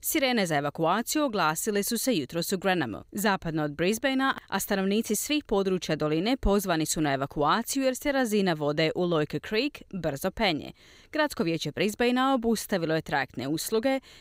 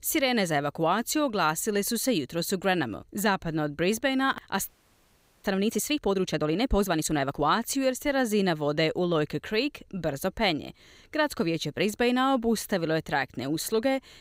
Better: first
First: none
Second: audio freezing; at 4.5 s for 1 s

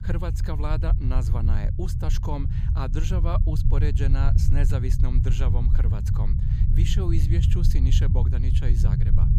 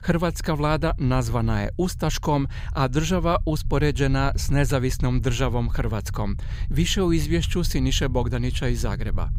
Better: second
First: low rumble; loud; throughout; 3 dB below the speech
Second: low rumble; faint; throughout; 20 dB below the speech

